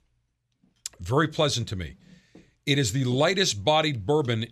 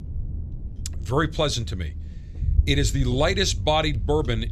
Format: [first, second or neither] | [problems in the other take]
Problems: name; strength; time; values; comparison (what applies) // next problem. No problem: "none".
first | low rumble; faint; throughout; 25 dB below the speech